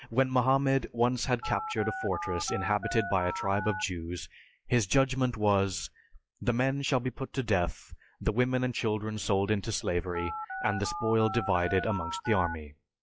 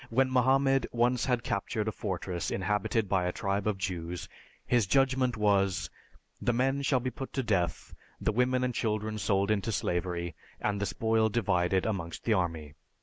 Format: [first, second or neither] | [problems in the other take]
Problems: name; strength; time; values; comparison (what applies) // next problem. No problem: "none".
second | noise reduction (classical method log-MMSE)